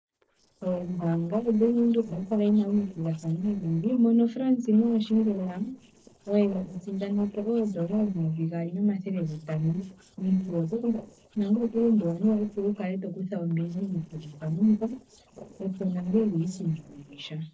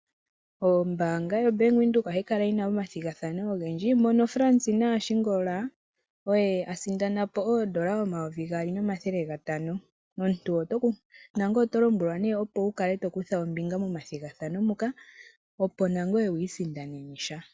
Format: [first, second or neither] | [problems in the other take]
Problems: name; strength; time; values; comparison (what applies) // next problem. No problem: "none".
second | noise reduction (neural separator model SepFormer DNS4)